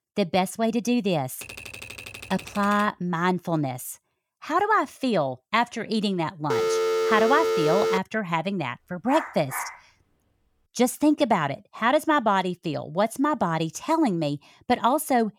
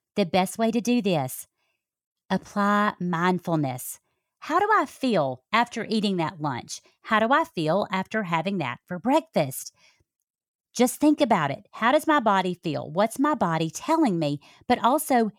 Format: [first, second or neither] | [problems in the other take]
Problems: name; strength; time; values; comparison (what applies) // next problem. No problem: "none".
second | keyboard typing; faint; from 1.5 to 3 s; peak 10 dB below the speech // phone ringing; loud; from 6.5 to 8 s; peak 1 dB above the speech // dog barking; noticeable; at 9 s; peak 9 dB below the speech